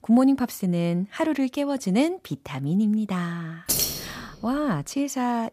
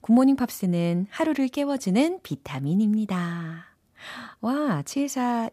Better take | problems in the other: second | jangling keys; loud; at 3.5 s; peak 2 dB above the speech

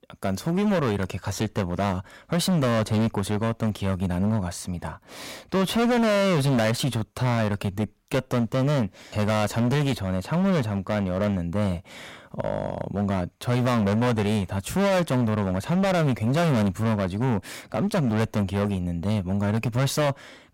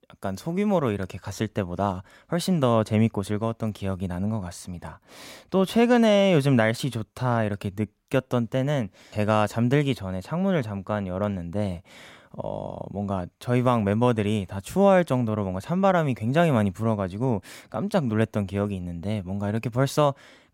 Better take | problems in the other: second | distortion; heavy; 18% of the sound clipped

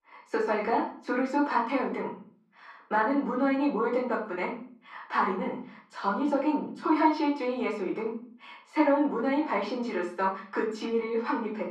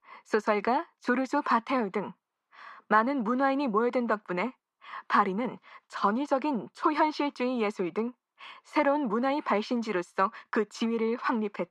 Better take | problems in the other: second | off-mic speech; far // room echo; slight; dies away in 0.4 s

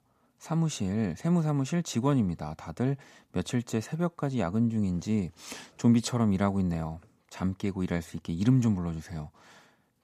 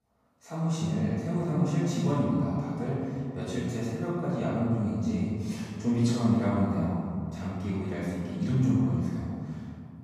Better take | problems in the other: first | off-mic speech; far // room echo; strong; dies away in 2.1 s

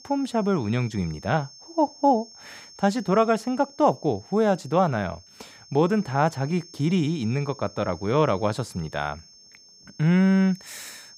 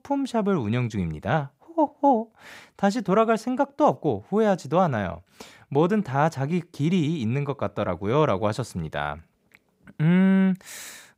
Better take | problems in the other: second | high-pitched whine; faint; throughout; 5.5 kHz, 20 dB below the speech

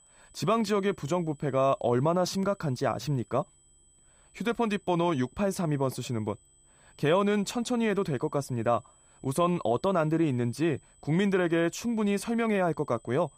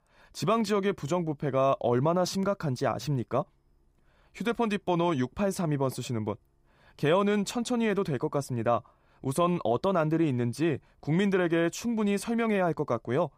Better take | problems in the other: second | high-pitched whine; faint; throughout; 8 kHz, 30 dB below the speech

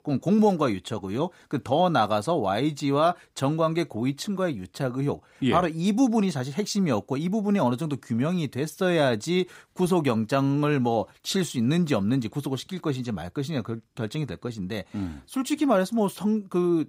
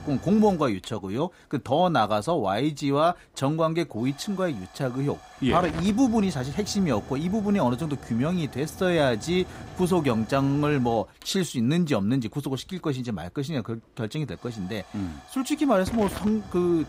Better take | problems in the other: first | hiss; noticeable; throughout; 15 dB below the speech

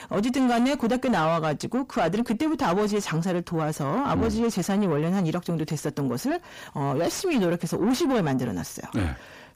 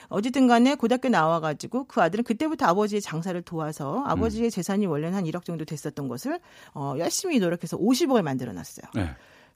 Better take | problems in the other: second | distortion; heavy; 7 dB below the speech

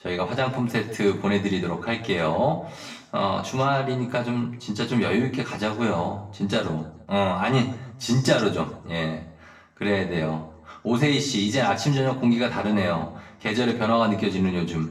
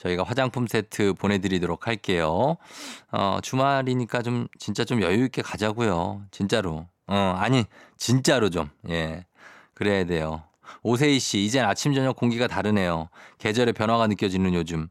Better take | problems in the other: second | room echo; slight; dies away in 0.6 s // off-mic speech; far

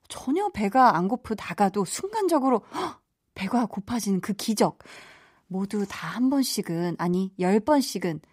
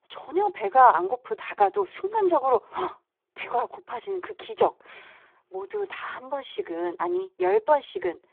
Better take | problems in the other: first | phone-call audio; poor line

